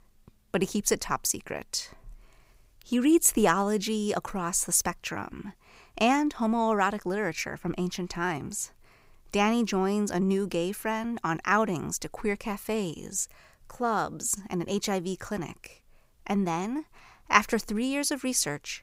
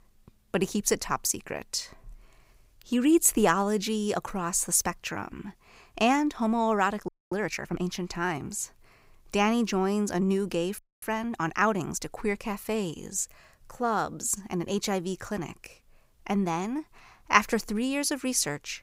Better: first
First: none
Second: audio freezing; at 7 s and at 11 s

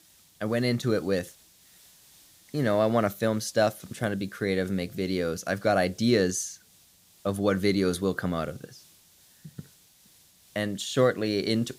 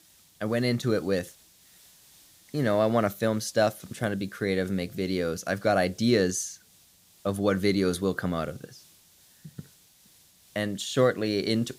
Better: neither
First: hiss; faint; throughout; 30 dB below the speech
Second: hiss; faint; throughout; 30 dB below the speech

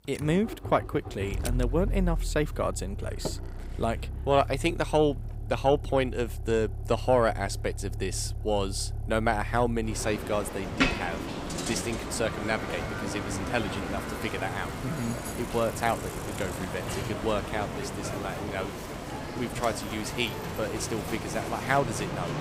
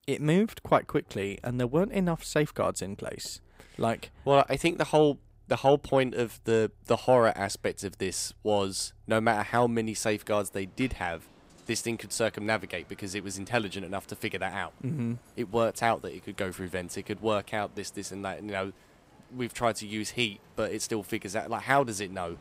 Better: second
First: traffic noise; loud; throughout; 5 dB below the speech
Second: traffic noise; faint; throughout; 30 dB below the speech

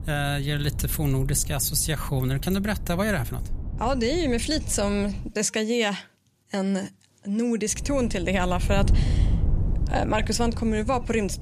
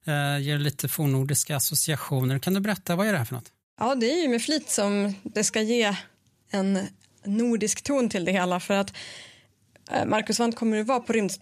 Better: second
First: wind noise on the microphone; occasional gusts; until 5.5 s and from 7.5 s on; 15 dB below the speech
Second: none

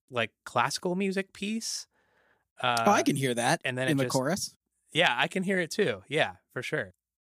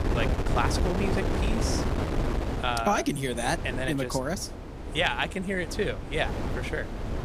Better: first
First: none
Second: wind noise on the microphone; heavy; 6 dB below the speech

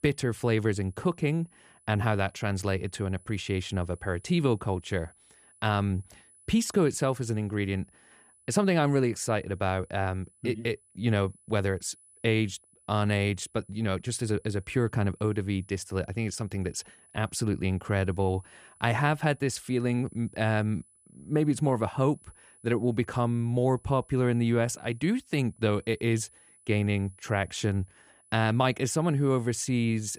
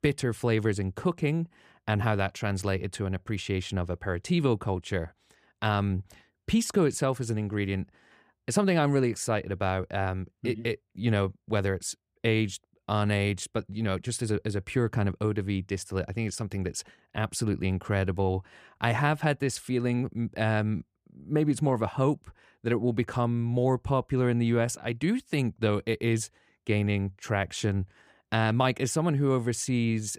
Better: second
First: high-pitched whine; faint; throughout; 10 kHz, 30 dB below the speech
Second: none

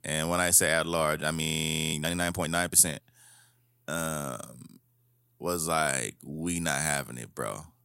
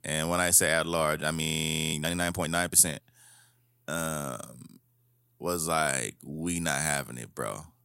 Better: neither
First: audio freezing; at 1.5 s for 0.5 s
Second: audio freezing; at 1.5 s for 0.5 s

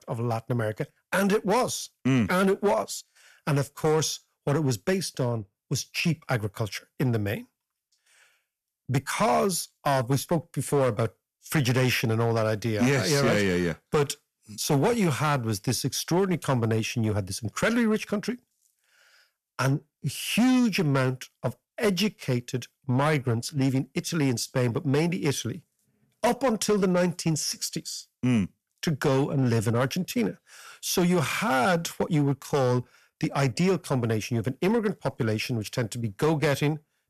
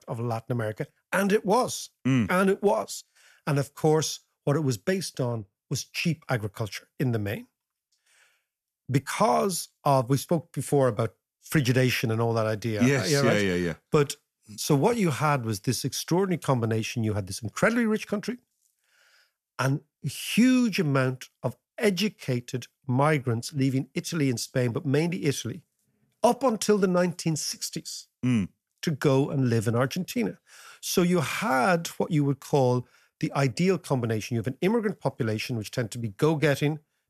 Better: second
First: distortion; slight; 6% of the sound clipped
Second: none

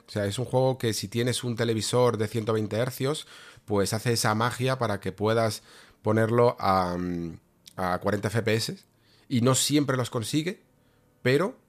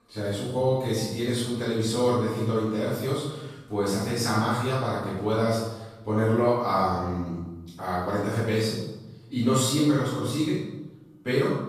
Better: first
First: none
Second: off-mic speech; far // room echo; strong; dies away in 1 s

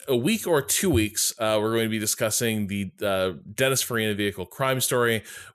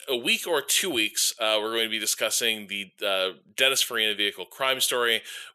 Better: first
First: none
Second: thin; somewhat; fading below 400 Hz

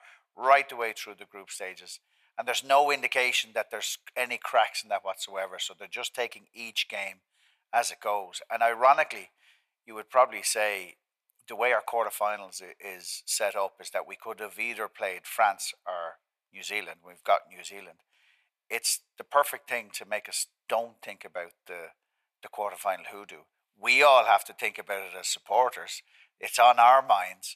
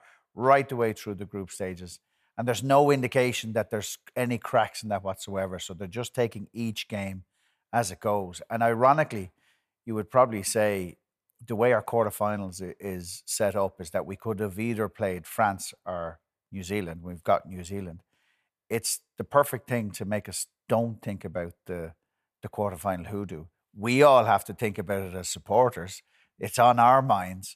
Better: second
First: thin; very; fading below 800 Hz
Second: none

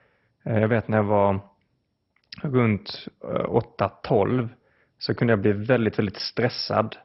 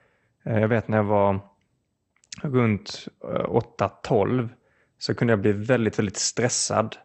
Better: second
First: garbled, watery; badly; nothing above 5.5 kHz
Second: garbled, watery; slightly; nothing above 8 kHz

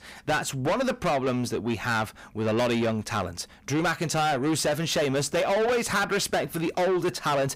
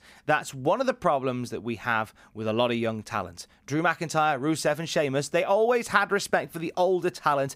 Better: second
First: distortion; heavy; 6 dB below the speech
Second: none

